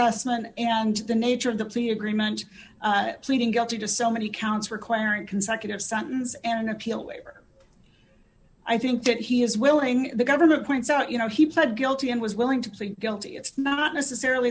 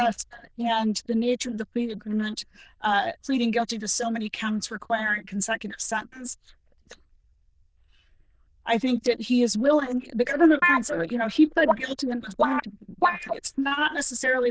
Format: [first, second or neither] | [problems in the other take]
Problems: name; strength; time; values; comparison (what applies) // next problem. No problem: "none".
first | noise reduction (neural diffusion model UNIVERSE++)